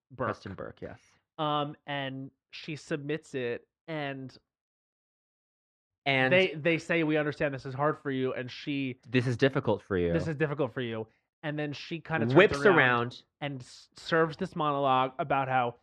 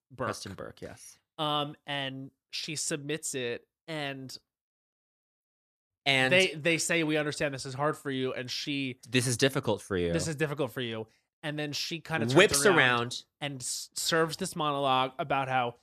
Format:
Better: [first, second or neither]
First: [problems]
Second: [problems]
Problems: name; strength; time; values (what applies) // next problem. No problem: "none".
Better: second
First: muffled; very; fading above 2 kHz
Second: none